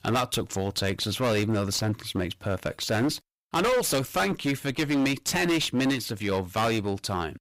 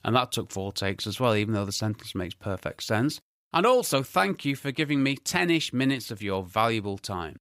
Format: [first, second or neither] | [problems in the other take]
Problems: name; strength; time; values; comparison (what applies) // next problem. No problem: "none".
second | distortion; heavy; 17% of the sound clipped